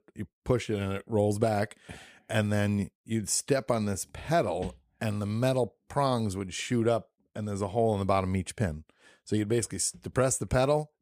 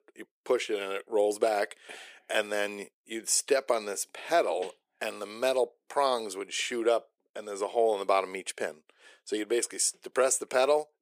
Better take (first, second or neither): first